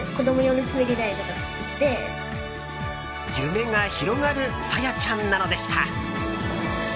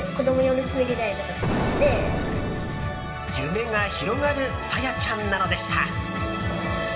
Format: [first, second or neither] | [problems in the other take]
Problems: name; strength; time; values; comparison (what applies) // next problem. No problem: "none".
first | background sound (Explosion); 2 dB below the speech // room echo; dies away in 1.6 s